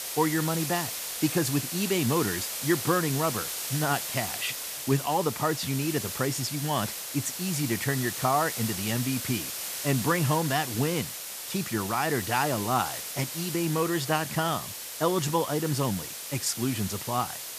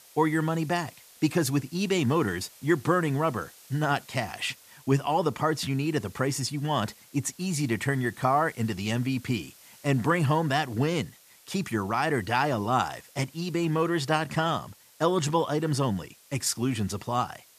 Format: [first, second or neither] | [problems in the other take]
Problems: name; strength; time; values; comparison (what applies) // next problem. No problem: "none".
second | hiss; loud; throughout; 4 dB below the speech; faint in the second